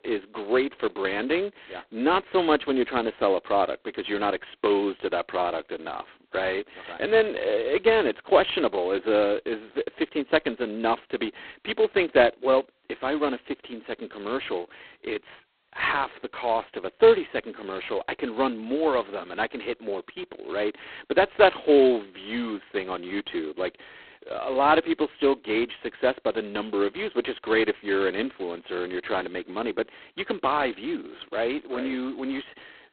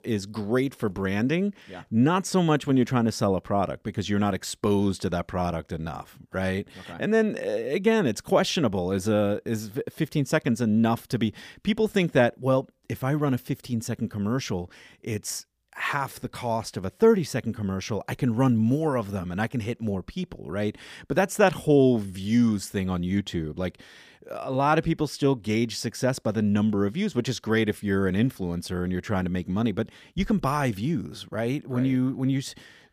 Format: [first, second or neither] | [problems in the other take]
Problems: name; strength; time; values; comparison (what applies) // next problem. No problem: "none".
second | phone-call audio; poor line; nothing above 4 kHz